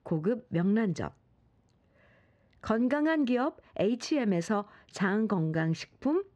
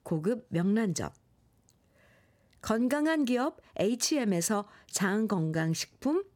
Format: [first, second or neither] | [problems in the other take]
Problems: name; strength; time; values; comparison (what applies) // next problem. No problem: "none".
second | muffled; slightly; fading above 3 kHz